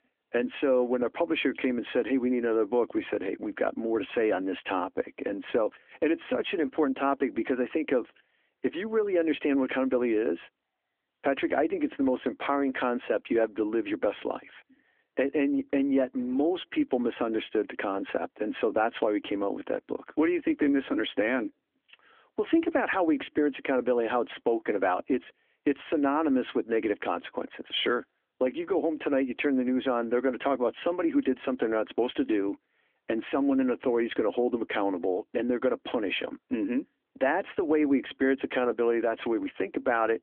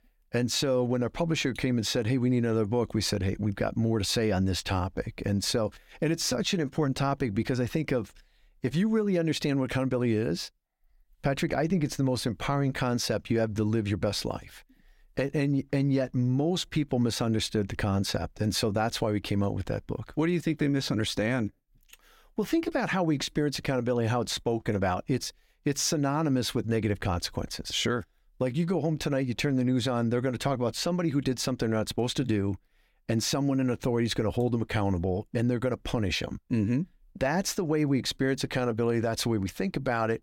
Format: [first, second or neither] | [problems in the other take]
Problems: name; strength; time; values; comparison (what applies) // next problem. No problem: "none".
second | phone-call audio; nothing above 3.5 kHz